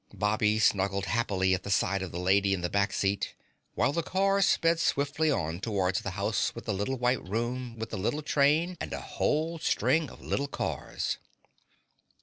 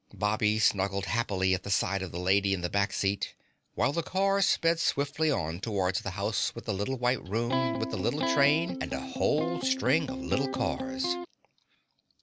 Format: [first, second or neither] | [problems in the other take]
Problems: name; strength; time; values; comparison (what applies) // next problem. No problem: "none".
first | background sound (Electric guitar); 3 dB below the speech